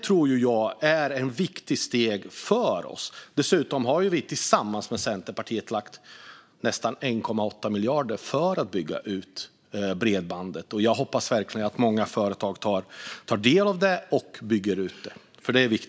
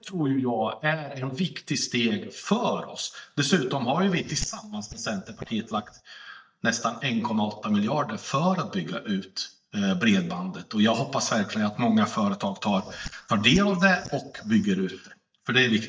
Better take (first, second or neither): first